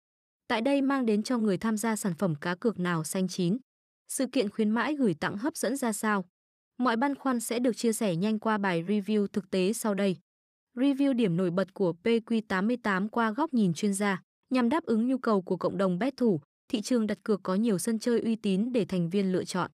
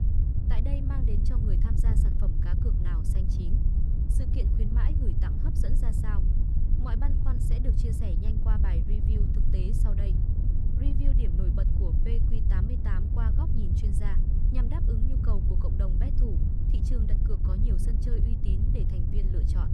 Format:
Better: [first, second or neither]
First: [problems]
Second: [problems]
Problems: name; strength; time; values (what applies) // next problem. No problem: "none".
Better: first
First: none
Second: wind noise on the microphone; heavy; 1 dB above the speech